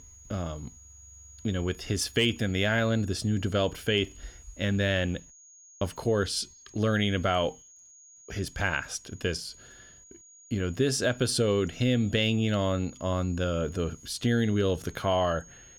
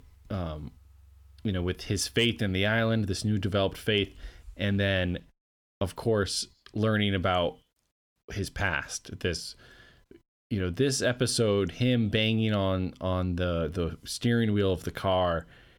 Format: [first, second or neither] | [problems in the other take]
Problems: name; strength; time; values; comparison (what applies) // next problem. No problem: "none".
second | high-pitched whine; faint; throughout; 6.5 kHz, 20 dB below the speech